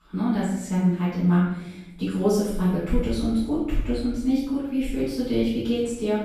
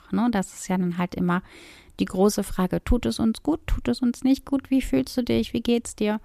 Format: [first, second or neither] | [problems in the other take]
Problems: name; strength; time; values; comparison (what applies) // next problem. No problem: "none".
second | off-mic speech; far // room echo; strong; dies away in 0.9 s